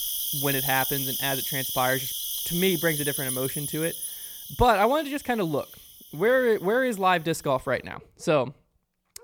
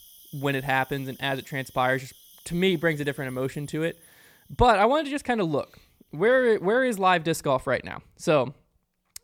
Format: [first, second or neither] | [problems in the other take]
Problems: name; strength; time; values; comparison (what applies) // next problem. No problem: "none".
second | animal sounds; loud; throughout; 2 dB below the speech; faint in the second